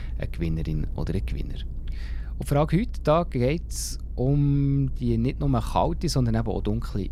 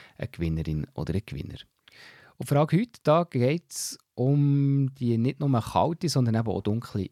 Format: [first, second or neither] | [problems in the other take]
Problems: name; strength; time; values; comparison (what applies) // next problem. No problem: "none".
second | low rumble; faint; throughout; 25 dB below the speech